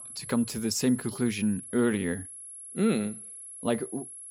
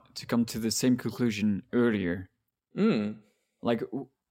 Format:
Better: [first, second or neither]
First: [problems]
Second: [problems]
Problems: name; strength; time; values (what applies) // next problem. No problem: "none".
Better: second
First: high-pitched whine; noticeable; throughout; 11 kHz, 10 dB below the speech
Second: none